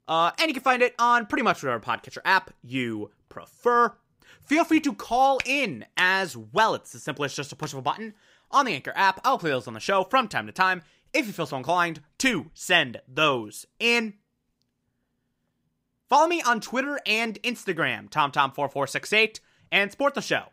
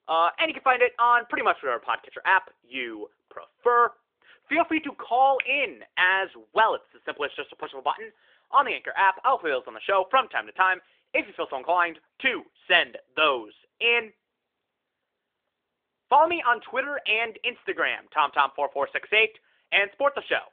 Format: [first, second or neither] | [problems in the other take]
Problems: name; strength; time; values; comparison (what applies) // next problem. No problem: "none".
first | phone-call audio